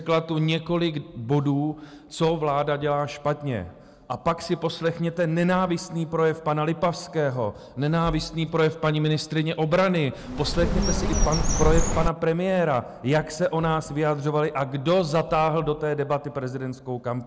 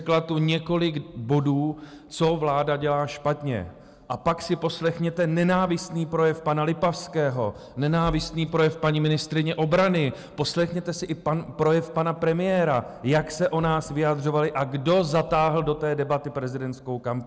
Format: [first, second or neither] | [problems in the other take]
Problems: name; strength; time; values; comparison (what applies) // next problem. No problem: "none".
second | background sound (Bird); 2 dB above the speech